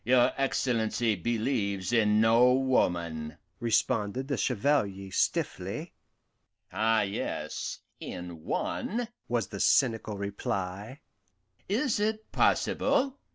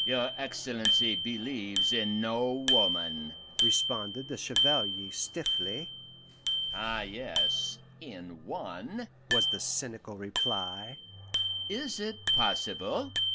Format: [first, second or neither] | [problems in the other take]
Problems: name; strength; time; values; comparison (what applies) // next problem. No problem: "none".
first | background sound (Bicycle bell); 4 dB above the speech